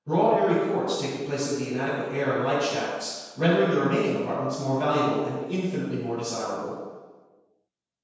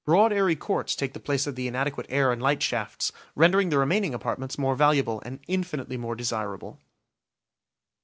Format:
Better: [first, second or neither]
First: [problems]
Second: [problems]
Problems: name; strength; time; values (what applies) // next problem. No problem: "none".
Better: second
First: room echo; dies away in 1.2 s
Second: none